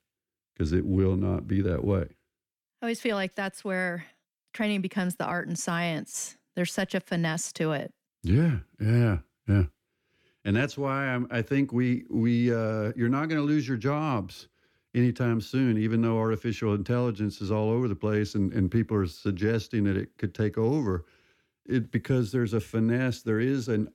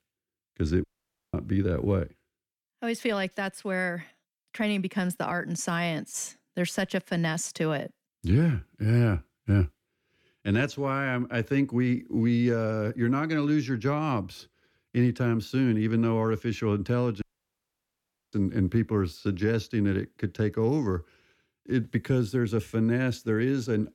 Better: first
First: none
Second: audio cutting out; at 1 s and at 17 s for 1 s

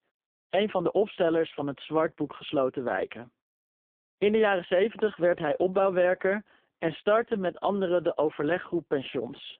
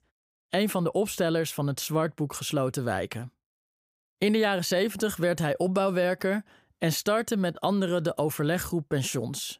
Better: second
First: phone-call audio; poor line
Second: none

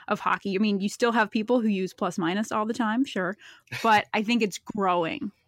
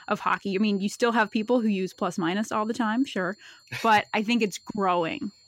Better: first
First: none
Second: high-pitched whine; faint; throughout; 4.5 kHz, 30 dB below the speech

